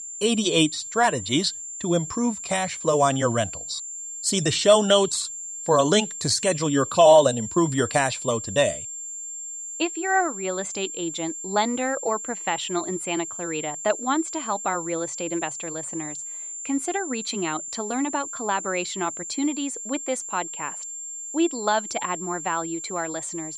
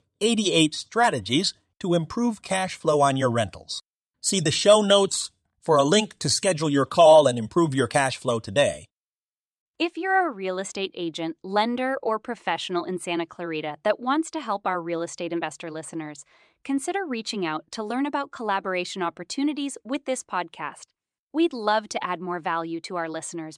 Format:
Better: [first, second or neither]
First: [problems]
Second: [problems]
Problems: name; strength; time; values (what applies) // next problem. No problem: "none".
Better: second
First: high-pitched whine; loud; throughout; 7.5 kHz, 8 dB below the speech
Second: none